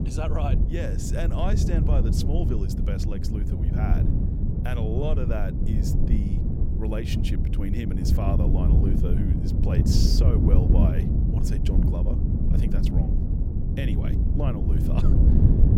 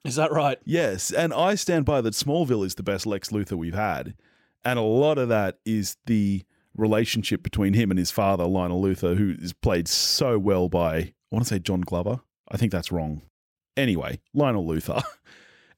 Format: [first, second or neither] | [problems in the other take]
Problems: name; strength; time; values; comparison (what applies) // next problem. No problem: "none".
second | wind noise on the microphone; heavy; as loud as the speech